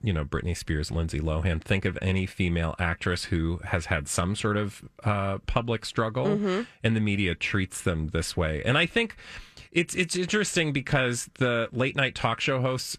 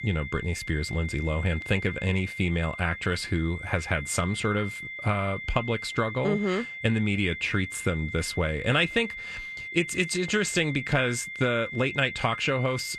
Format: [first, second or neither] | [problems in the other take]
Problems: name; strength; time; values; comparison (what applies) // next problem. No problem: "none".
first | high-pitched whine; loud; throughout; 2 kHz, 9 dB below the speech